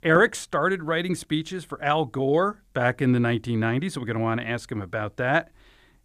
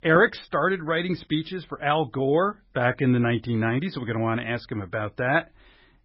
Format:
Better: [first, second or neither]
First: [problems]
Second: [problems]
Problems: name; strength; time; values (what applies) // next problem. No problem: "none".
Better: first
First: none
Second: garbled, watery; badly; nothing above 5.5 kHz